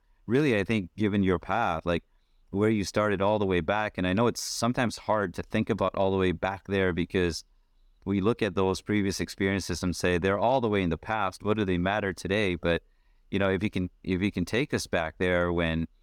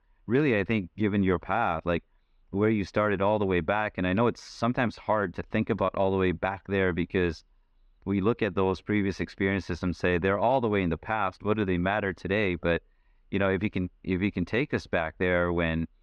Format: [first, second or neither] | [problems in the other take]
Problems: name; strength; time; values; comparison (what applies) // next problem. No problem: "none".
first | muffled; slightly; fading above 2.5 kHz